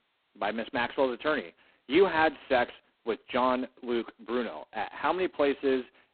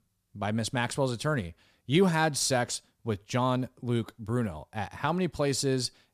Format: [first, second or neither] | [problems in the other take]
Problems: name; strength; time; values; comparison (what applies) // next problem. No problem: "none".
second | phone-call audio; poor line; nothing above 4 kHz